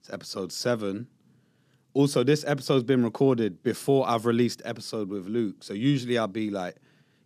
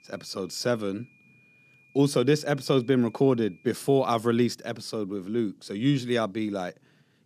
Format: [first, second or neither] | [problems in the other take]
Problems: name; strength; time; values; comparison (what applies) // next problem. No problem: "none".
first | high-pitched whine; faint; until 3.5 s; 2.5 kHz, 30 dB below the speech